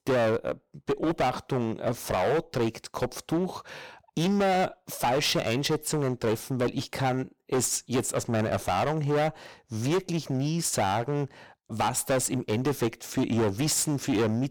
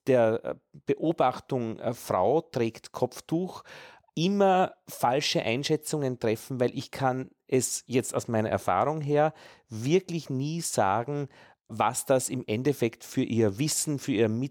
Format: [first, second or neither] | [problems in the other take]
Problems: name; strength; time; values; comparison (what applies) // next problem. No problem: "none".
second | distortion; heavy; 15% of the sound clipped